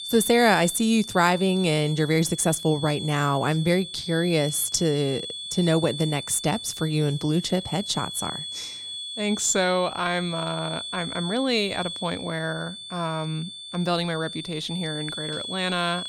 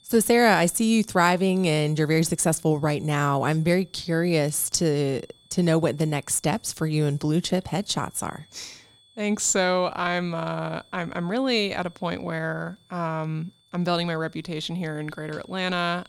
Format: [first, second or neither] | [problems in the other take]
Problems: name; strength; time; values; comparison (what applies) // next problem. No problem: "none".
second | high-pitched whine; loud; throughout; 3.5 kHz, 9 dB below the speech; faint in the second